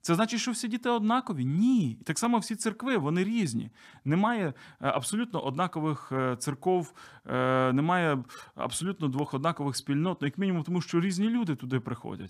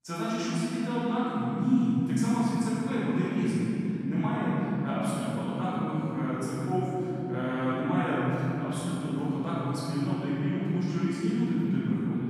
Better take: first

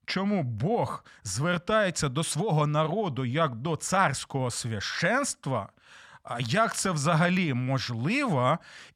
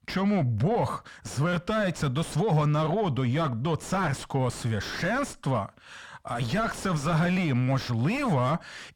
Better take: first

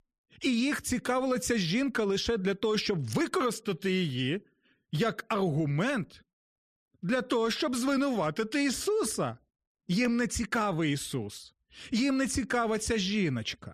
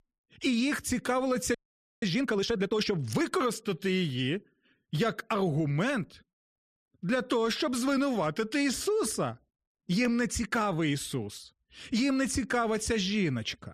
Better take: first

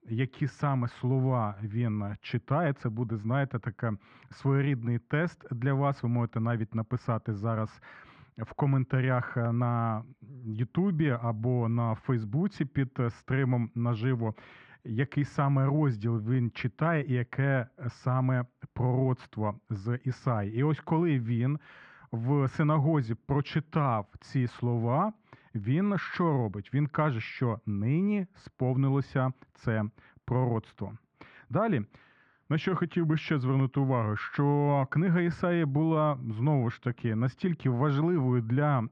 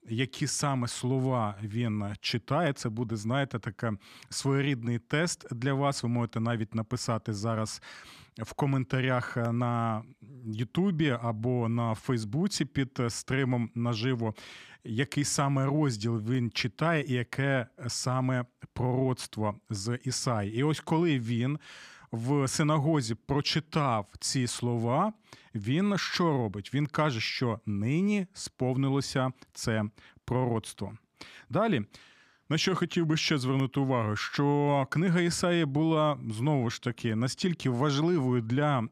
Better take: second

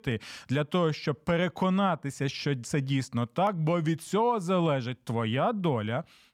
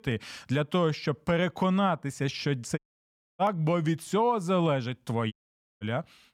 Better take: first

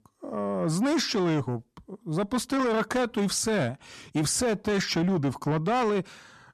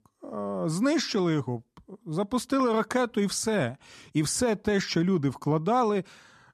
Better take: second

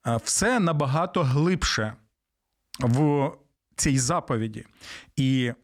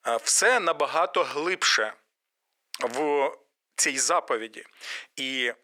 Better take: first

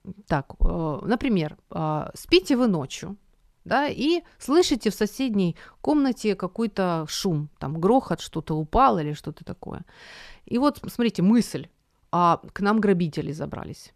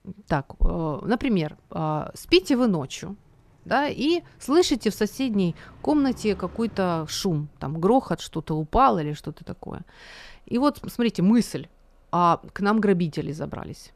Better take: first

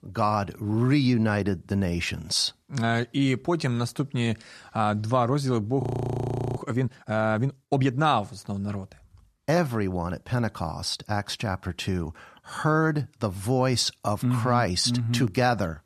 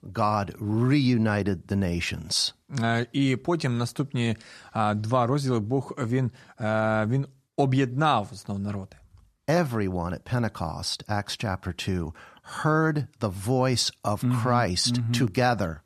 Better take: second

